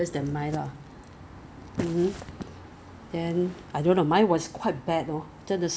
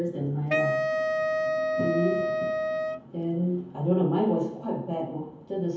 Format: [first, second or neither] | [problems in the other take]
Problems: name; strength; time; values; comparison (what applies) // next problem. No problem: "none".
first | background sound (Wind instrument, woodwind instrument); 1 dB above the speech // room echo; dies away in 0.7 s